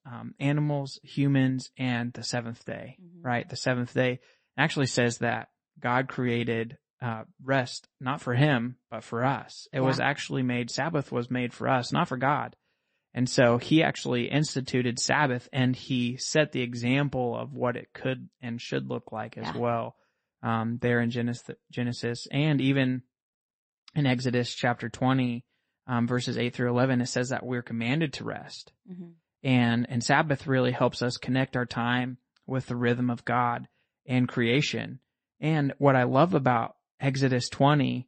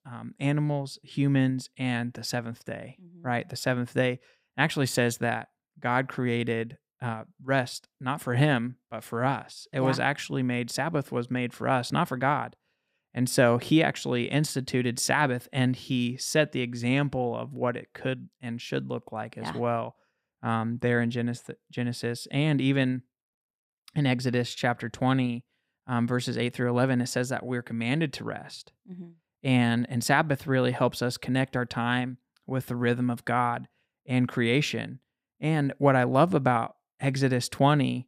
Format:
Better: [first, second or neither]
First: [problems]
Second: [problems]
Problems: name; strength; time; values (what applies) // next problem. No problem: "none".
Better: second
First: garbled, watery; slightly; nothing above 8 kHz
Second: none